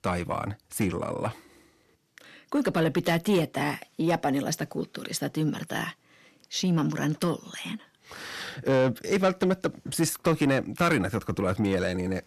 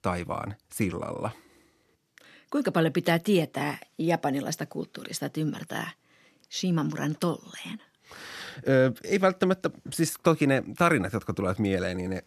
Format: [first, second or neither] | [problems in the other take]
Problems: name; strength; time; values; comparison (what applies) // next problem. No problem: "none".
second | distortion; slight; 10 dB below the speech